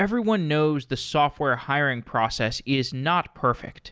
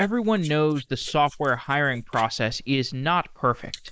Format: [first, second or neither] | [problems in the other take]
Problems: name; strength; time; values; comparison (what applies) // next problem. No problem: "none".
first | noise reduction (neural mask model Resemble Enhance denoiser)